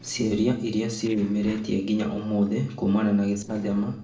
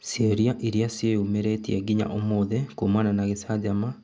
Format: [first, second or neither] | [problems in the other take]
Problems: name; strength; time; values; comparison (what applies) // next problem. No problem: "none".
second | noise reduction (neural separator model SepFormer DNS4)